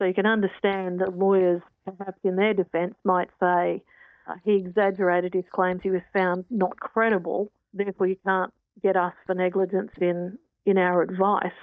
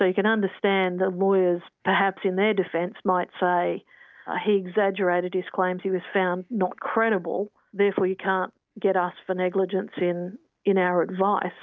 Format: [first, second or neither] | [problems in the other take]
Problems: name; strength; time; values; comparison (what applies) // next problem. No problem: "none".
second | noise reduction (neural mask model DeepFilterNet 3)